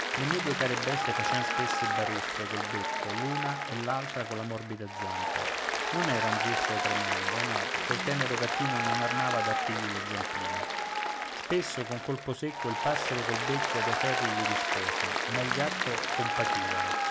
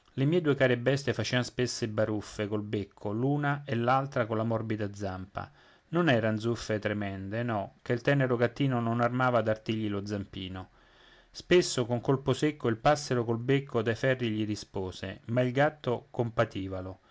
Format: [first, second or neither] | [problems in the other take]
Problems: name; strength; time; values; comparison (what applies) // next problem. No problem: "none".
second | background sound (Applause); 4 dB above the speech